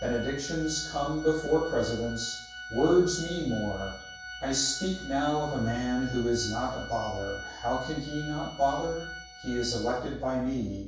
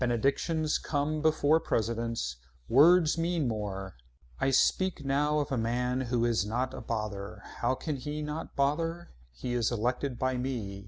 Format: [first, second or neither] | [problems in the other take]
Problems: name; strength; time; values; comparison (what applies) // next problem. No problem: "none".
second | background sound (Organ); 13 dB below the speech // room echo; dies away in 0.7 s